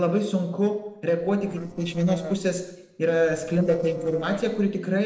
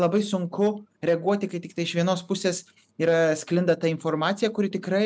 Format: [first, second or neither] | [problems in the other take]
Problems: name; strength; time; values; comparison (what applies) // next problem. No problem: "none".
second | noise reduction (neural separator model SepFormer DNS4)